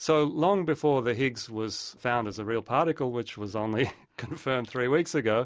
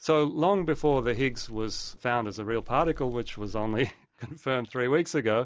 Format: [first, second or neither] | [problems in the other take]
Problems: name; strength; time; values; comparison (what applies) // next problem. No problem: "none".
first | noise reduction (neural mask model DeepFilterNet 3)